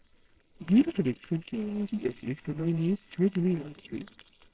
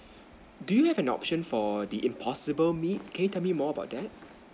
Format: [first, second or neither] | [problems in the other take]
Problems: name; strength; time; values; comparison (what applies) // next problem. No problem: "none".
second | noise reduction (neural separator model SepFormer WHAMR!)